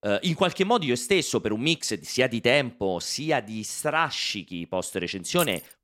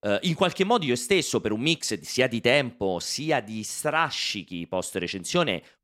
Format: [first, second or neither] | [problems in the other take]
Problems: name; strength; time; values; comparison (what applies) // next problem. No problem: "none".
second | jangling keys; noticeable; at 5.5 s; peak 8 dB below the speech